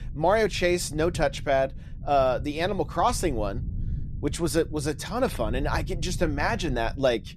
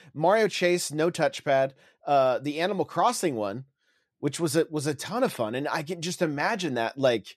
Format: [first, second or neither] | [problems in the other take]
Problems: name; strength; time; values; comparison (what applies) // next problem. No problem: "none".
second | low rumble; faint; throughout; 25 dB below the speech